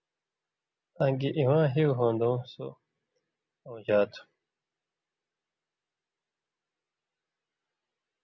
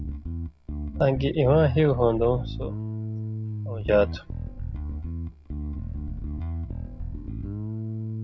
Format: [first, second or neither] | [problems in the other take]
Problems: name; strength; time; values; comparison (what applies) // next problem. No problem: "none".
first | background sound (Bass guitar); 4 dB below the speech